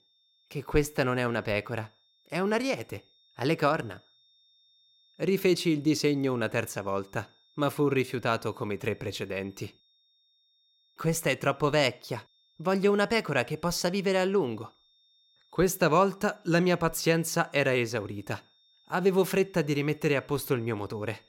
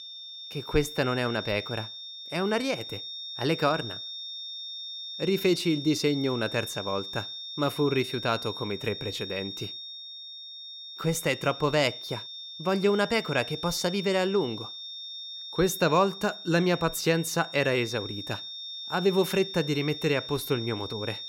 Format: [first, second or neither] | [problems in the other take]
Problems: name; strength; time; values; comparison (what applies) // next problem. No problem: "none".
first | high-pitched whine; loud; throughout; 3.5 kHz, 9 dB below the speech; faint in the first